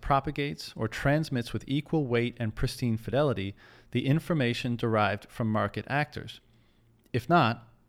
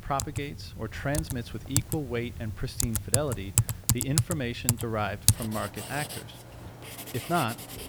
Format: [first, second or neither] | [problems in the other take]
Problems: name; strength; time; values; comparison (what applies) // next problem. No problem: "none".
first | household noises; very loud; throughout; 3 dB above the speech